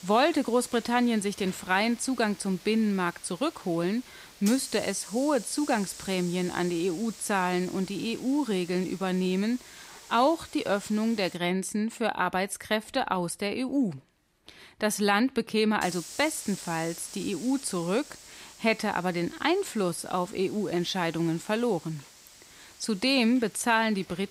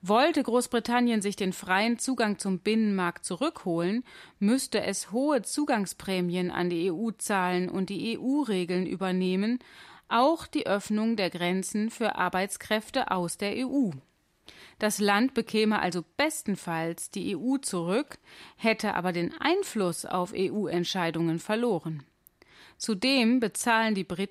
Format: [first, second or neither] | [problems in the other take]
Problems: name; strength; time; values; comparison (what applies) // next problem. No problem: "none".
second | hiss; noticeable; until 11 s and from 16 s on; 15 dB below the speech